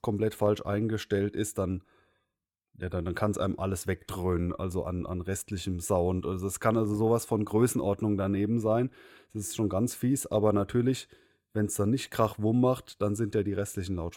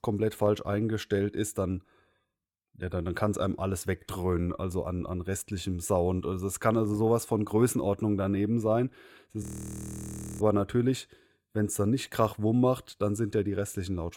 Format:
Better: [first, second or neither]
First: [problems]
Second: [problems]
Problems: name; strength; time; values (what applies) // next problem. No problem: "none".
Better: first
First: none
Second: audio freezing; at 9.5 s for 1 s